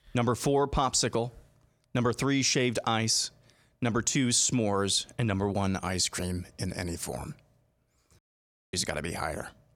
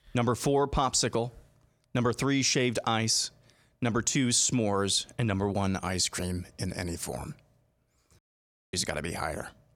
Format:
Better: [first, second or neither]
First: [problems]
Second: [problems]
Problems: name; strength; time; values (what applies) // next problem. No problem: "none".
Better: neither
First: audio cutting out; at 8 s for 0.5 s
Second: audio cutting out; at 8 s for 0.5 s